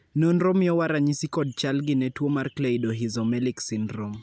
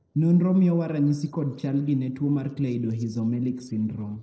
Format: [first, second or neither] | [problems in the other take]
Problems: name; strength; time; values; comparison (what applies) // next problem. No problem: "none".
first | noise reduction (neural separator model SepFormer DNS4)